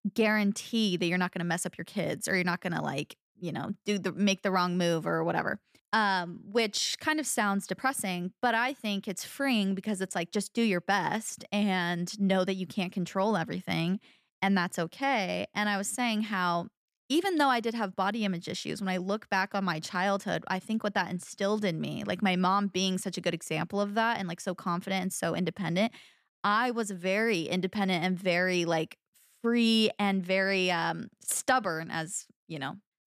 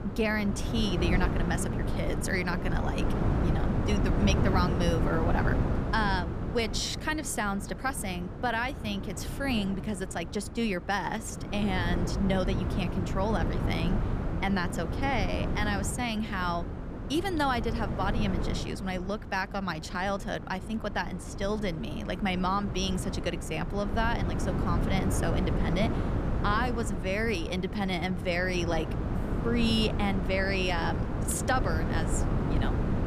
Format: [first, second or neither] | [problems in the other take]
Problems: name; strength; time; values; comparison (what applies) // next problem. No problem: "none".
first | wind noise on the microphone; heavy; 6 dB below the speech